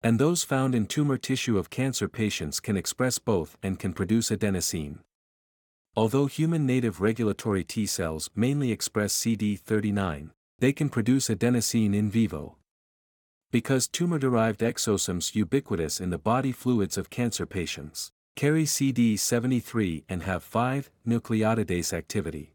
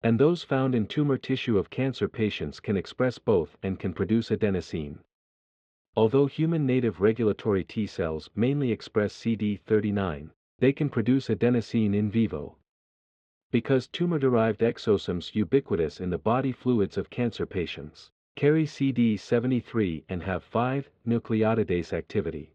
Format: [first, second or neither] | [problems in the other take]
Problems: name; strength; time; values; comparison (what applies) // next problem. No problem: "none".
first | muffled; very; fading above 3.5 kHz